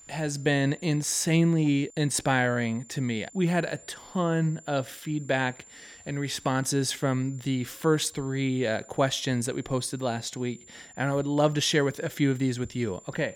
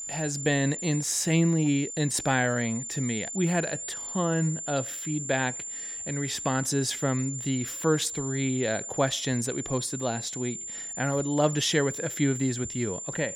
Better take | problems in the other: first | high-pitched whine; loud; throughout; 7 kHz, 6 dB below the speech; faint in the first

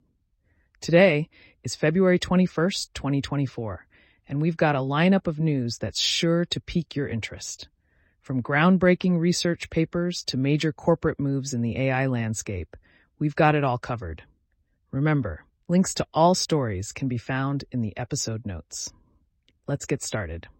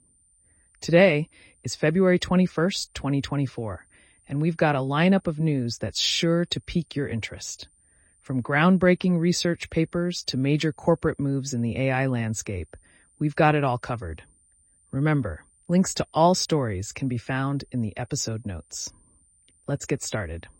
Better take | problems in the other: first | high-pitched whine; faint; throughout; 9 kHz, 35 dB below the speech

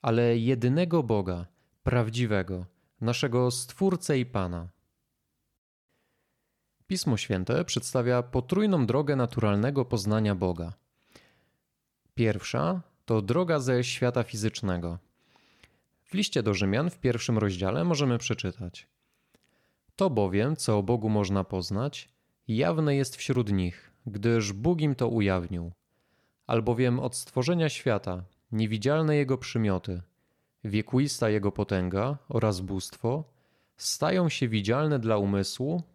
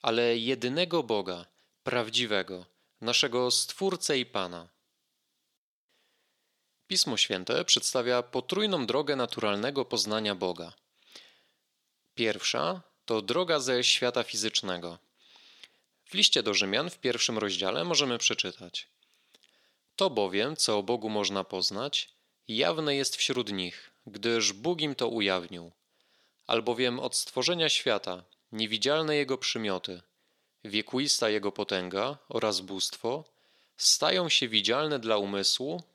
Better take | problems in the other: first | thin; somewhat; fading below 300 Hz

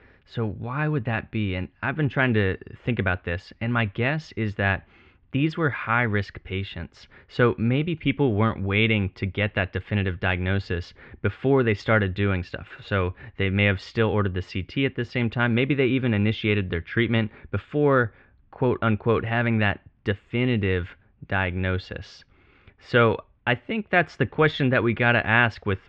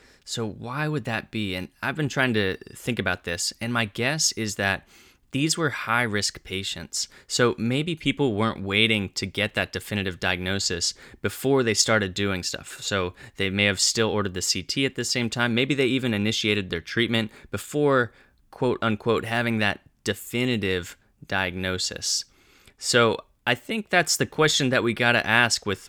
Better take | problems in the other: second | muffled; very; fading above 2.5 kHz

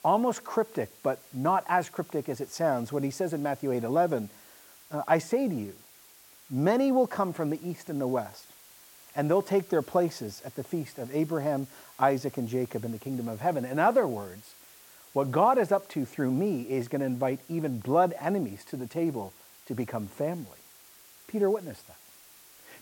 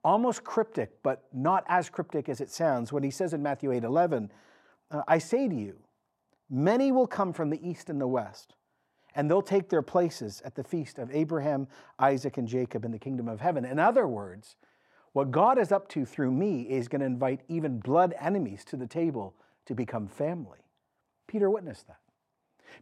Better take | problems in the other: second | hiss; faint; throughout; 20 dB below the speech

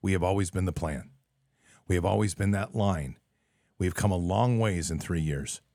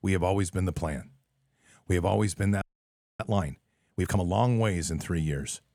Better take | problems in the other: first | audio freezing; at 2.5 s for 0.5 s

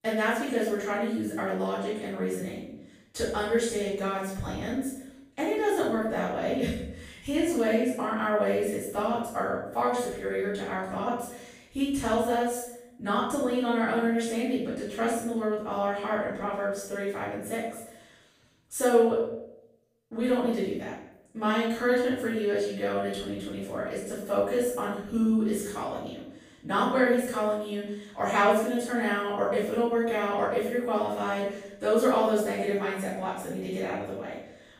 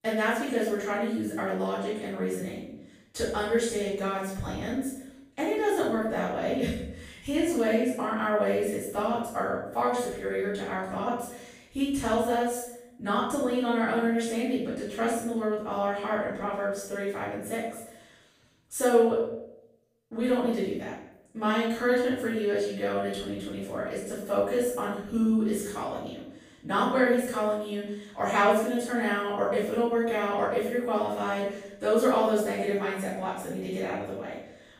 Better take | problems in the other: neither | off-mic speech; far; the same in both // room echo; noticeable; dies away in 0.7 s; the same in both

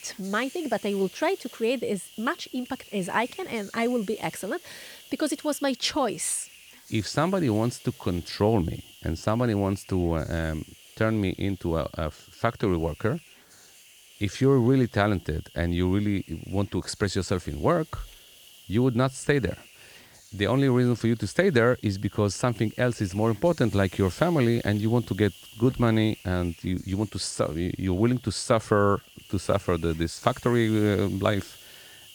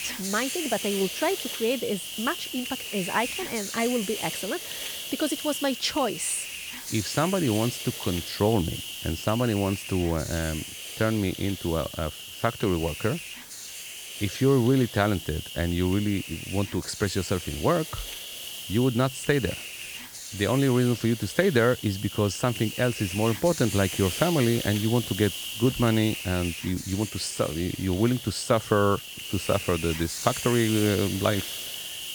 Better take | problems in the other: first | hiss; loud; throughout; 7 dB below the speech; faint in the first

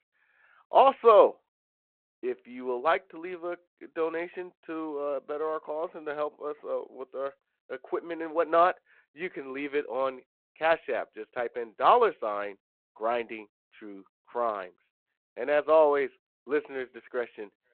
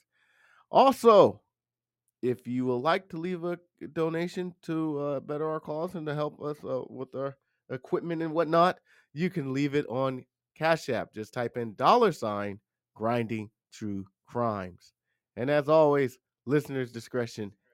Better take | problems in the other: second | phone-call audio

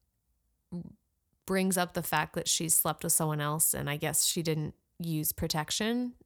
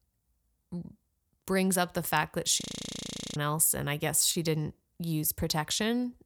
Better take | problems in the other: first | audio freezing; at 2.5 s for 1 s

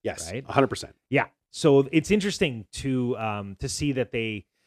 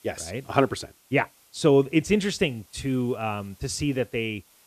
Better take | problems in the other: first | hiss; faint; throughout; 30 dB below the speech

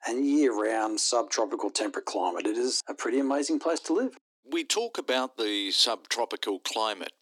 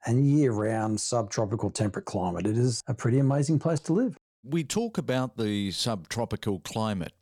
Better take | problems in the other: second | thin; somewhat; fading below 250 Hz

